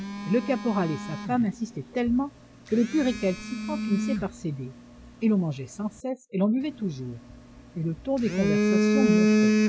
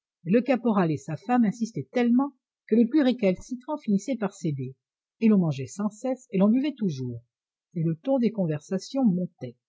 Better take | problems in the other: second | background sound (Telephone); as loud as the speech

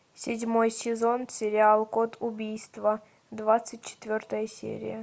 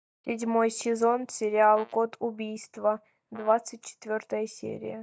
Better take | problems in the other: first | noise reduction (neural mask model DeepFilterNet 3)

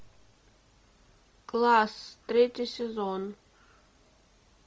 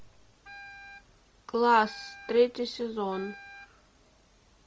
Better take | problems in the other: first | background sound (Wind instrument, woodwind instrument); 19 dB below the speech

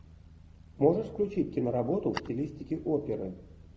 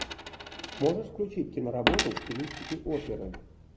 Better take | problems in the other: first | background sound (Coin (dropping)); 2 dB below the speech

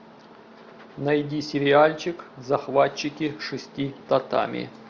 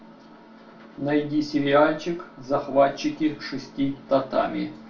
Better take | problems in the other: first | room echo; dies away in 0.2 s

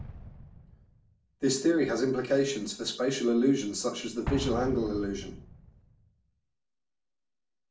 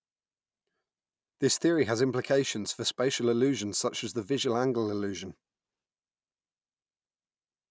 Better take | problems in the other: second | background sound (Explosion); 13 dB below the speech // room echo; dies away in 0.3 s

